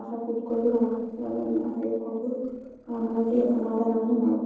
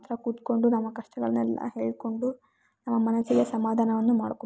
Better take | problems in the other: second | noise reduction (neural separator model SepFormer DNS4)

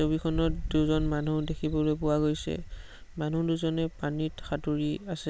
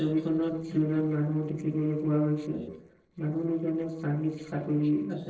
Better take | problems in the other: first | noise reduction (neural separator model SepFormer DNS4)

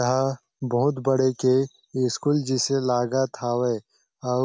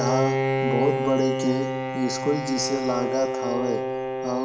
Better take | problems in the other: first | background sound (Bowed string instrument); as loud as the speech // room echo; dies away in 2.6 s

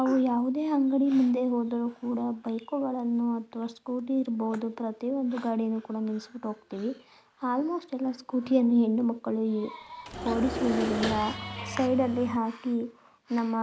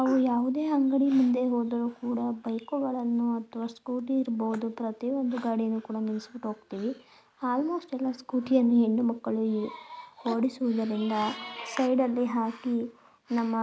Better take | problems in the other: second | background sound (Engine / Mechanisms); 7 dB below the speech

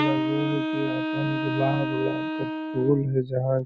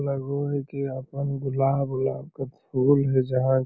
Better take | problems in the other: second | background sound (Wind instrument, woodwind instrument); 1 dB below the speech

